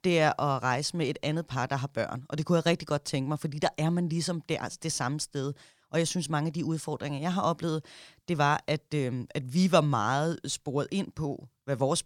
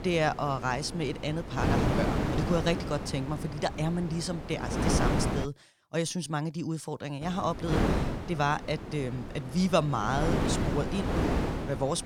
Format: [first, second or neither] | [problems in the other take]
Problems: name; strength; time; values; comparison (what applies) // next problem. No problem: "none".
first | wind noise on the microphone; heavy; until 5.5 s and from 7 s on; 3 dB below the speech